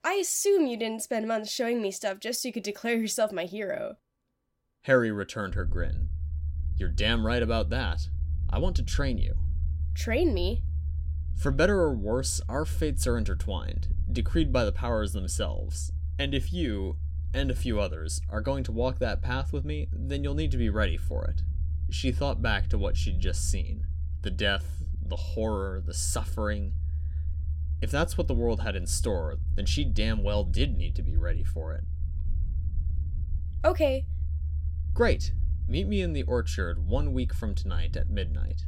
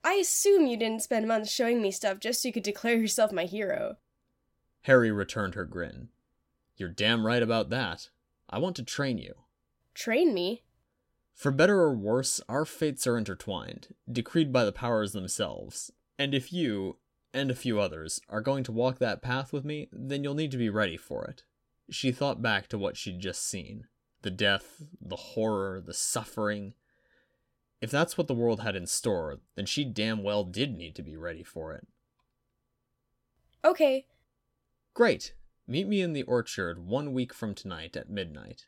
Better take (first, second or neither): second